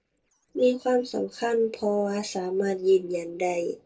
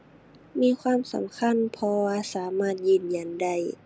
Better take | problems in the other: second | noise reduction (neural separator model SepFormer DNS4)

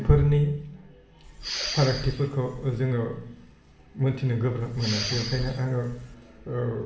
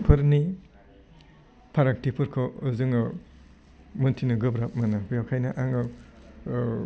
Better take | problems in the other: second | background sound (Respiratory sounds); 8 dB below the speech // room echo; dies away in 0.7 s

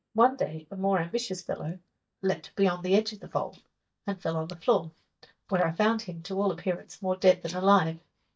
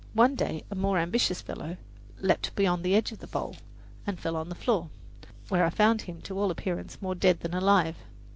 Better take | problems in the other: second | noise reduction (neural mask model DeepFilterNet 3)

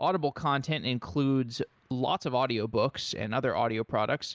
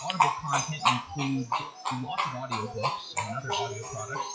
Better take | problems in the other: first | noise reduction (classical method WPE with log-MMSE)

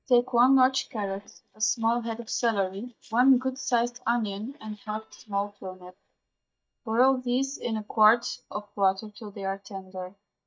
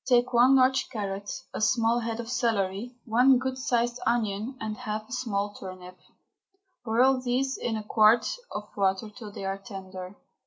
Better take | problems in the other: second | noise reduction (neural mask model DeepFilterNet 3)

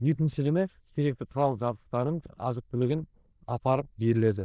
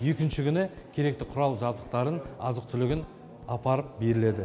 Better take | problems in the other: second | noise reduction (neural diffusion model UNIVERSE++)

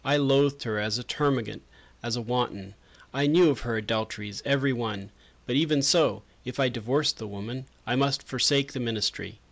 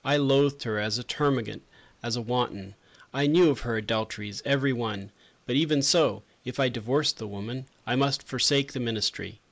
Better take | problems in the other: first | noise reduction (neural mask model Resemble Enhance denoiser)

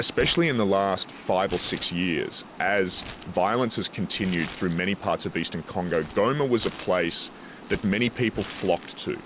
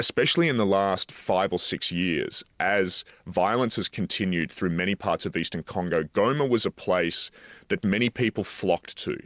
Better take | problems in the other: second | background sound (Water + Crumpling, crinkling); 15 dB below the speech

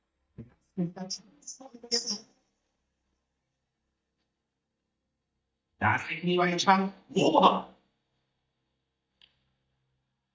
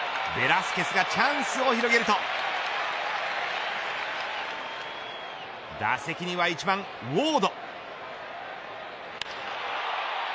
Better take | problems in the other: second | noise reduction (neural mask model DeepFilterNet 3)

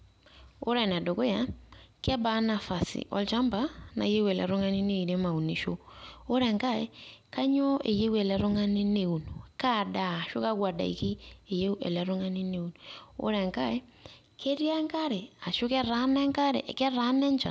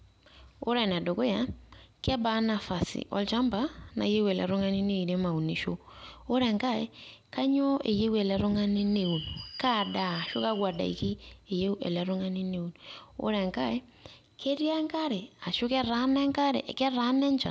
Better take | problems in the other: first | background sound (Bird); 13 dB below the speech

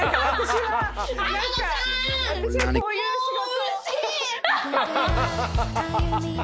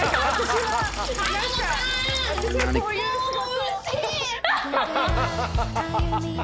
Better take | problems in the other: first | background sound (Sink (filling or washing)); 12 dB below the speech

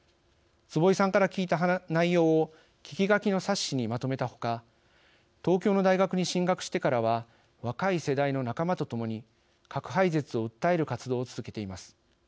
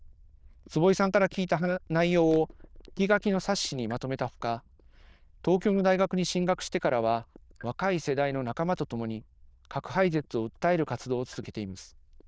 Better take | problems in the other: first | noise reduction (neural diffusion model UNIVERSE++)

